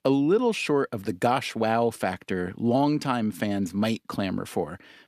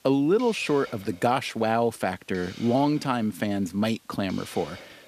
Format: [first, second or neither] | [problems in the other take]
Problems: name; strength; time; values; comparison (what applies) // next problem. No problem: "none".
first | hiss; noticeable; throughout; 20 dB below the speech